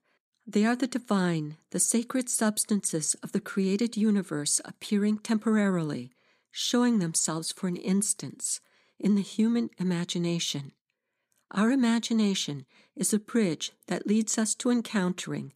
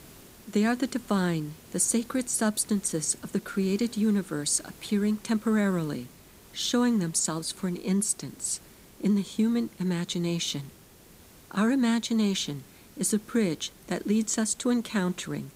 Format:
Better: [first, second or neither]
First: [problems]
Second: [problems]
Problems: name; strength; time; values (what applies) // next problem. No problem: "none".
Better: first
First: none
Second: hiss; faint; throughout; 25 dB below the speech